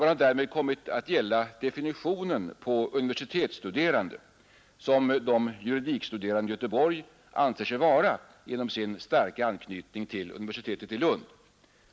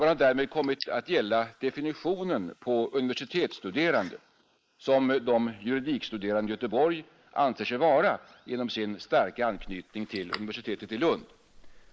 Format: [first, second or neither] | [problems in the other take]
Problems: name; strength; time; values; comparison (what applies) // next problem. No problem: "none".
first | noise reduction (neural mask model Resemble Enhance denoiser)